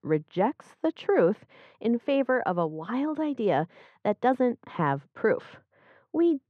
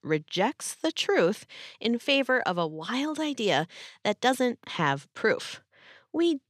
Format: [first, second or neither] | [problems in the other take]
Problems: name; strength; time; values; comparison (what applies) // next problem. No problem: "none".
second | muffled; very; fading above 3 kHz